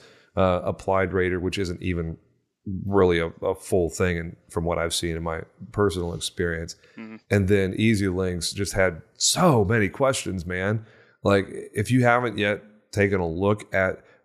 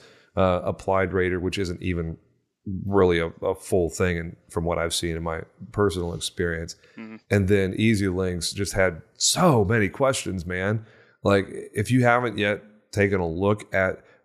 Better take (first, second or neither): neither